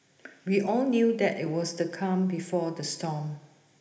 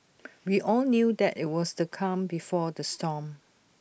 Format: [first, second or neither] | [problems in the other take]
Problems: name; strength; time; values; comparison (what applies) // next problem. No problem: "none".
second | room echo; dies away in 0.8 s